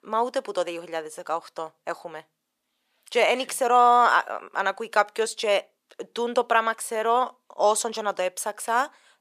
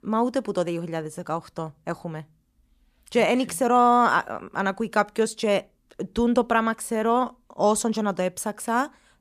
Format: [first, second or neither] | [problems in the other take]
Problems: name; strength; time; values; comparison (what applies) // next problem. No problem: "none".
second | thin; very; fading below 550 Hz